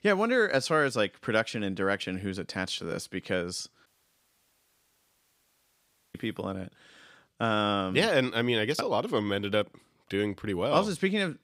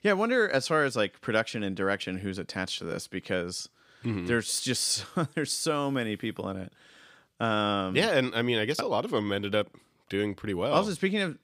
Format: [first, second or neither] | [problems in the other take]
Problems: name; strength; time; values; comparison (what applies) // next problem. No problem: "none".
second | audio cutting out; at 4 s for 2.5 s